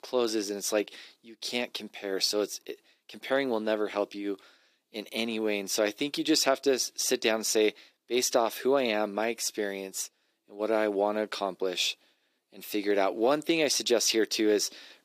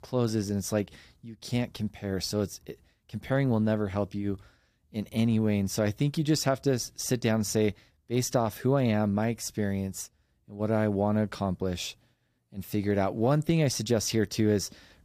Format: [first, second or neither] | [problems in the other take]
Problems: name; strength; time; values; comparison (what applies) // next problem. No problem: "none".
second | thin; somewhat; fading below 350 Hz